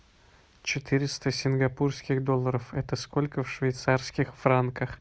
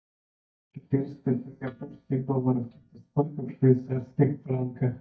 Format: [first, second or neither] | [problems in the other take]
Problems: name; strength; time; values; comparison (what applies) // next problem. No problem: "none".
first | noise reduction (neural mask model DeepFilterNet 3)